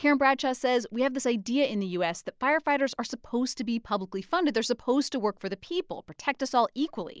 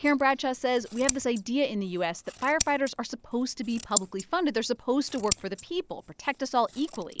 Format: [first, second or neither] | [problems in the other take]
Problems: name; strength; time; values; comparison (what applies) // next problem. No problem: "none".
first | noise reduction (neural mask model Resemble Enhance denoiser)